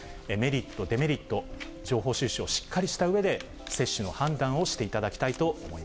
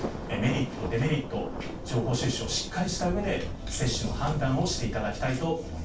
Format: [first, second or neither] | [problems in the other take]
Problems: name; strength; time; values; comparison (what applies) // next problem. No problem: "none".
first | background sound (Thunder); 6 dB below the speech // room echo; dies away in 0.2 s